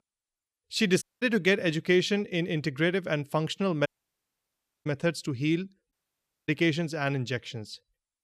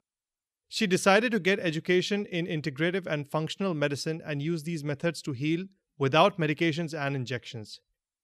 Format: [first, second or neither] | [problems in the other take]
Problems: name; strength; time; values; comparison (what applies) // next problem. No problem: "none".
second | audio cutting out; at 1 s, at 4 s for 1 s and at 6 s for 0.5 s